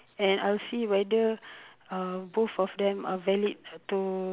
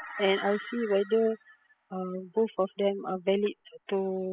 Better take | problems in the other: first | noise reduction (classical method spectral subtraction)

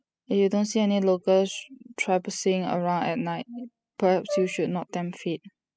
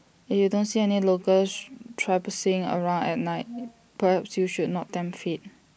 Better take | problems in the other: second | noise reduction (classical method spectral subtraction)

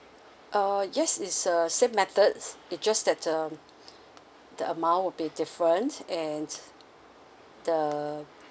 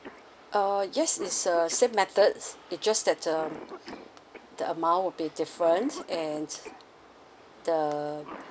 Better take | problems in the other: first | background sound (Cough); 18 dB below the speech

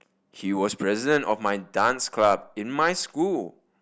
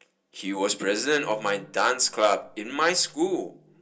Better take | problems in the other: first | room echo; dies away in 0.2 s

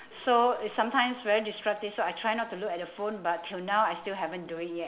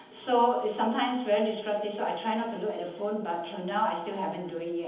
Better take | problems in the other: first | room echo; dies away in 1.3 s

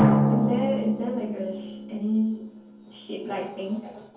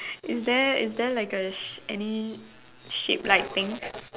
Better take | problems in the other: second | background sound (Drum); 3 dB above the speech // room echo; dies away in 0.6 s

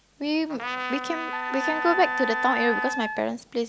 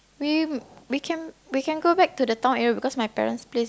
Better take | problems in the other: second | background sound (Trumpet + Wind instrument, woodwind instrument); 2 dB below the speech

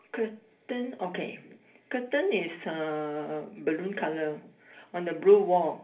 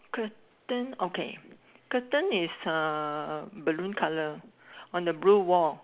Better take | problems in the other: second | room echo; dies away in 0.3 s

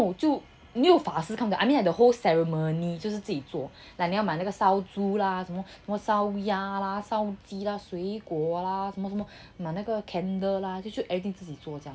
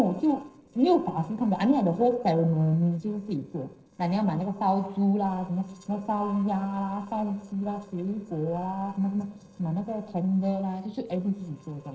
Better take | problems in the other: first | noise reduction (neural separator model SepFormer DNS4)

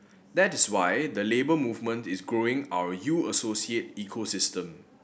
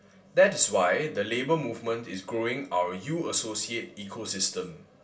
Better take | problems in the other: first | room echo; dies away in 0.2 s

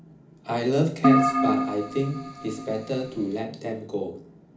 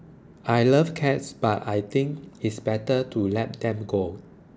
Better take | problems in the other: second | background sound (Keyboard (musical)); 3 dB above the speech // room echo; dies away in 0.4 s

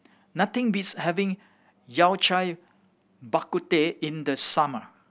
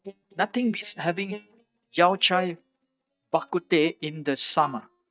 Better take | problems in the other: first | noise reduction (neural mask model DeepFilterNet 3)

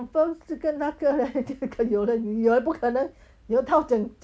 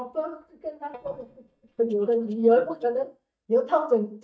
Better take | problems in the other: first | noise reduction (neural mask model DeepFilterNet 3)

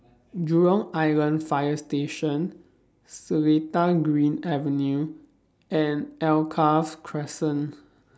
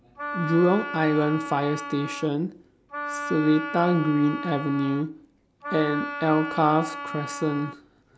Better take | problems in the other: first | background sound (Wind instrument, woodwind instrument); 9 dB below the speech

